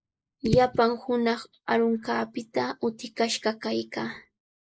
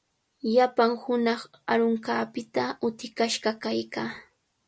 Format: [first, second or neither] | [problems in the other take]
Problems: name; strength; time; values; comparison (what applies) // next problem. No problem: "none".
second | noise reduction (neural mask model Resemble Enhance denoiser)